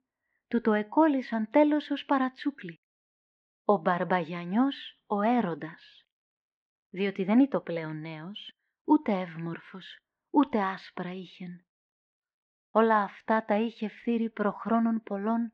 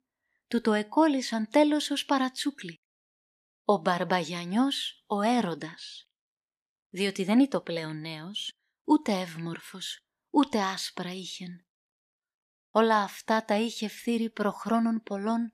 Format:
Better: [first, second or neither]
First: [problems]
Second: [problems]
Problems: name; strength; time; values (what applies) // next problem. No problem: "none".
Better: second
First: muffled; very; fading above 2.5 kHz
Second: none